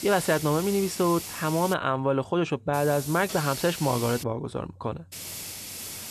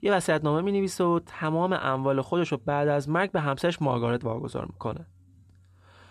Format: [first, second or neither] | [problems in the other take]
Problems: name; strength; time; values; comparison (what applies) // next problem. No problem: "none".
second | hiss; loud; until 1.5 s, from 2.5 to 4 s and from 5 s on; 9 dB below the speech